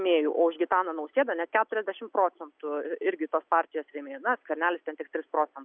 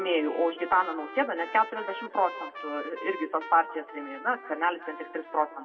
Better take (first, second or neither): first